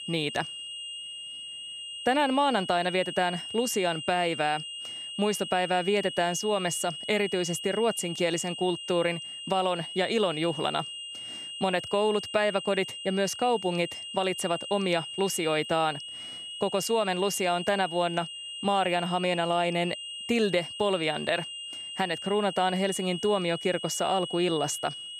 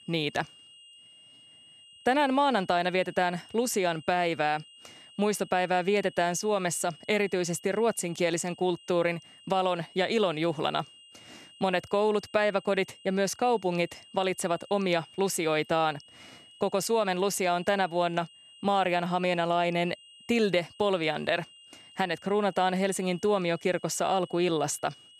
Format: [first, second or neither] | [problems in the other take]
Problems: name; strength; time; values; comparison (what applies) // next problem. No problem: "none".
second | high-pitched whine; loud; throughout; 3 kHz, 8 dB below the speech; faint in the second